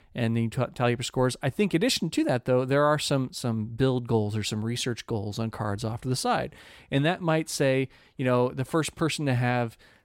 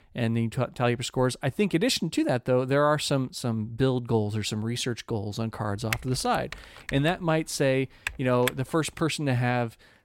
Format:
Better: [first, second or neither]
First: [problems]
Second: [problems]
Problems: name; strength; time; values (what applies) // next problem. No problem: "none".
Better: first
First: none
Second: keyboard typing; noticeable; from 6 to 9 s; peak 6 dB below the speech